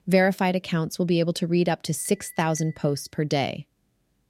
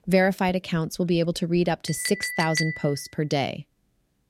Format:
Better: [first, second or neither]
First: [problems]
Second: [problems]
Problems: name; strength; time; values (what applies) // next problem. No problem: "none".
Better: first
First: household noises; faint; throughout; 25 dB below the speech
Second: household noises; loud; throughout; 5 dB below the speech